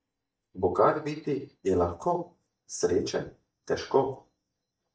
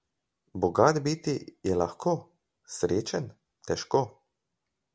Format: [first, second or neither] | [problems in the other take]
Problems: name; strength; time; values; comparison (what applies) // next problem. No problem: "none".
second | noise reduction (neural mask model DeepFilterNet 3)